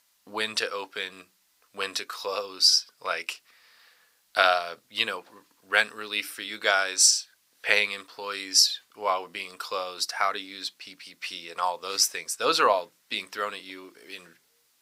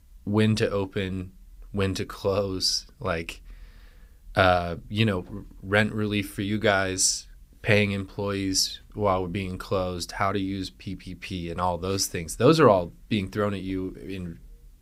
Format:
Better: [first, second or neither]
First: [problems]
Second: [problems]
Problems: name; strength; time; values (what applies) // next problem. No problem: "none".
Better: second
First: thin; very; fading below 850 Hz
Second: none